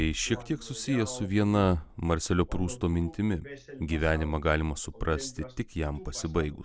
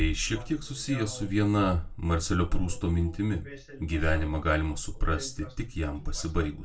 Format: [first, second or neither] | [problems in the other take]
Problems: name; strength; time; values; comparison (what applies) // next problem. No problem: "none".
first | room echo; dies away in 0.2 s